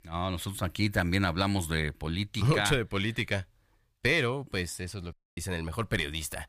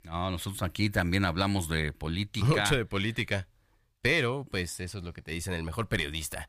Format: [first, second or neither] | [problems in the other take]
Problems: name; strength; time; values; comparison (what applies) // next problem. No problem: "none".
second | audio cutting out; at 5 s